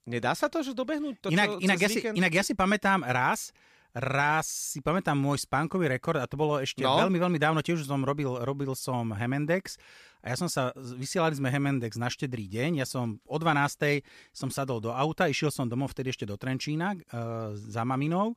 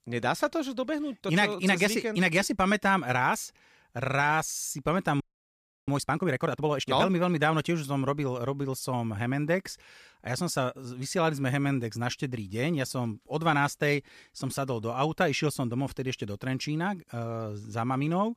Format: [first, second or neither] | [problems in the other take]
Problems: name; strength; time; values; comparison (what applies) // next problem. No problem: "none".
first | audio freezing; at 5 s for 0.5 s